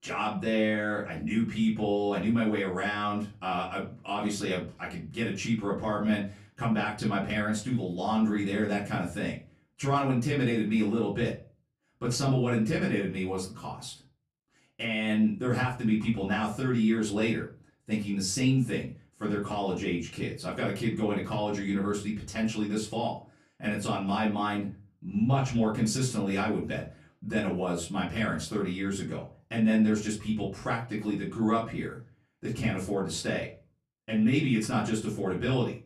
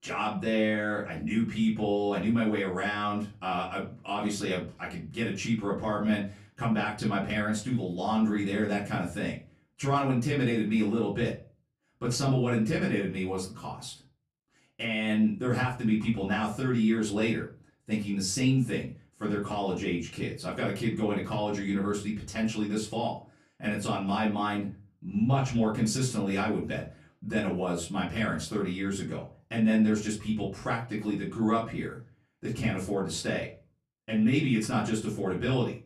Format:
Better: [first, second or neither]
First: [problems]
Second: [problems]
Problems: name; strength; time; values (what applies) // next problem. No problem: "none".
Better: neither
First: off-mic speech; far // room echo; slight; dies away in 0.3 s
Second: off-mic speech; far // room echo; slight; dies away in 0.3 s